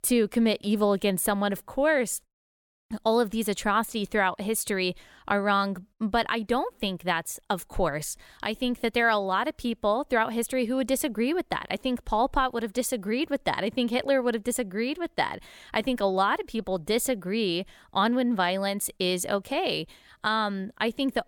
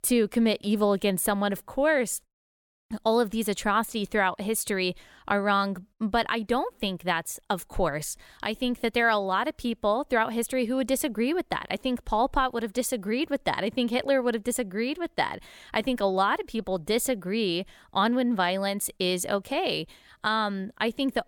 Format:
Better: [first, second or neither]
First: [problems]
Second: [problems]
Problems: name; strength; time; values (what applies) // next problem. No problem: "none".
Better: neither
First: none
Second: none